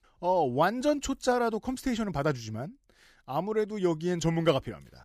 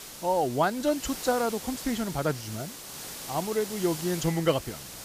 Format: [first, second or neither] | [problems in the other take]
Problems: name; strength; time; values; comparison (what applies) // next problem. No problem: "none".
first | hiss; loud; throughout; 9 dB below the speech